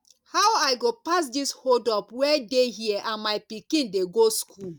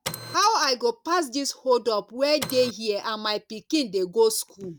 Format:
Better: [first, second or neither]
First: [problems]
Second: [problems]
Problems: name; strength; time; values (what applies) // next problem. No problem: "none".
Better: first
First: none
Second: background sound (Printer); 8 dB below the speech